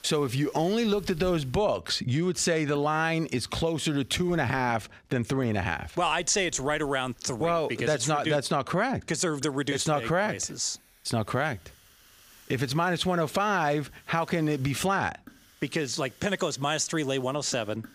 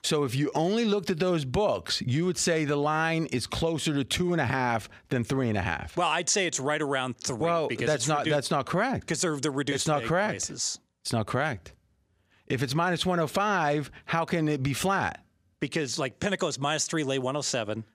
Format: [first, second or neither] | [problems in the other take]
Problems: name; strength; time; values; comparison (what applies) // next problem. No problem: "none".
second | hiss; faint; throughout; 25 dB below the speech